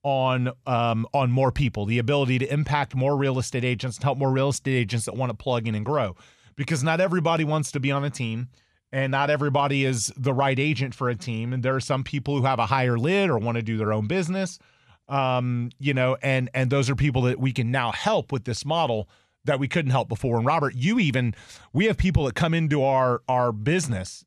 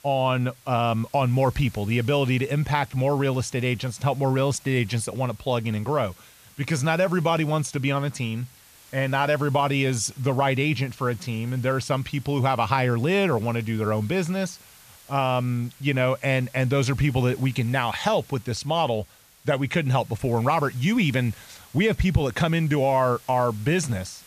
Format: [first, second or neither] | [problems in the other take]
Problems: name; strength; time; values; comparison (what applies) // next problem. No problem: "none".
first | hiss; faint; throughout; 25 dB below the speech